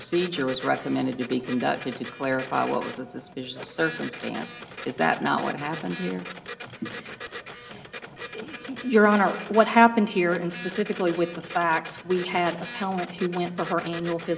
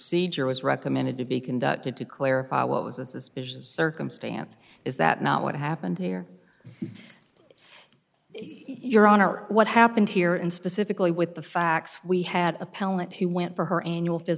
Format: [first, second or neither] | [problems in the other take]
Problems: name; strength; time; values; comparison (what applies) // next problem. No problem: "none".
second | background sound (Printer); 14 dB below the speech // room echo; dies away in 0.6 s